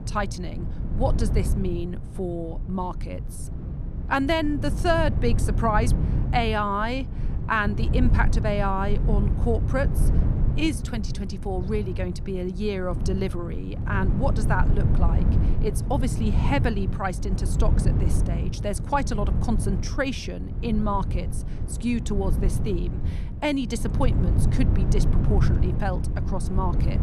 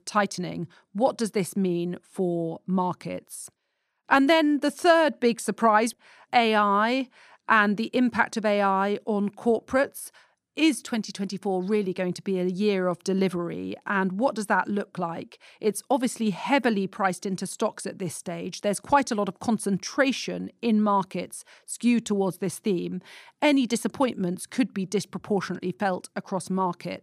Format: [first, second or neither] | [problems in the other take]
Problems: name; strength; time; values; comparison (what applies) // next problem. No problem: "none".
second | low rumble; noticeable; throughout; 10 dB below the speech